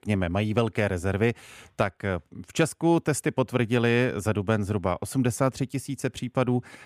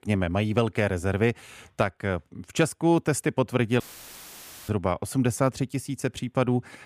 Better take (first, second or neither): first